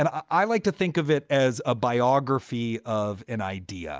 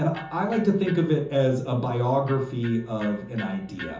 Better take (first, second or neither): first